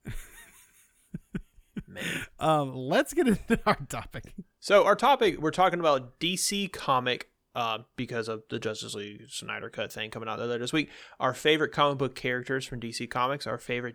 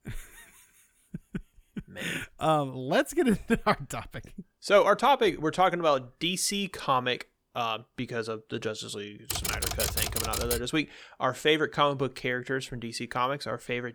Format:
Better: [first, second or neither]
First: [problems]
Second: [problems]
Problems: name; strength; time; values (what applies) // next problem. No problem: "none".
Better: first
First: none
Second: keyboard typing; loud; from 9.5 to 11 s; peak 1 dB above the speech